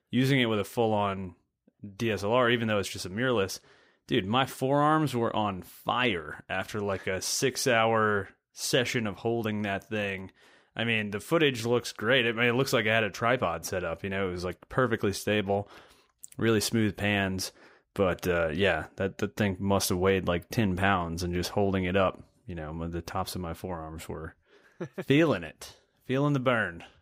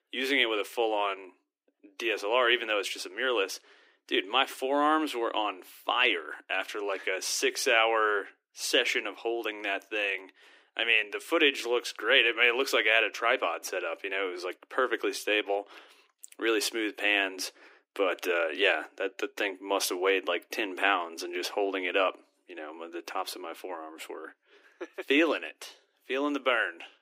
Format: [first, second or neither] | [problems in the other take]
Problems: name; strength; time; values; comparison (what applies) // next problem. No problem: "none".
first | thin; somewhat; fading below 300 Hz